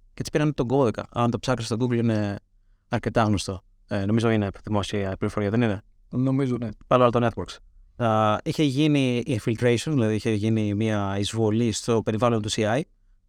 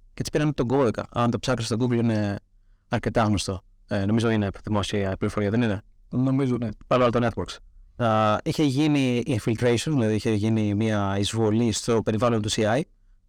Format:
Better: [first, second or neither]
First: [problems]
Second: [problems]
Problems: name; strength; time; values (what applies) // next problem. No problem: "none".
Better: first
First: none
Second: distortion; slight; 10 dB below the speech